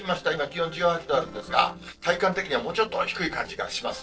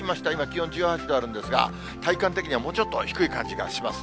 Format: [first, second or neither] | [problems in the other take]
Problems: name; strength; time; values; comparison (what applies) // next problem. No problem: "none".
second | noise reduction (neural separator model SepFormer DNS4)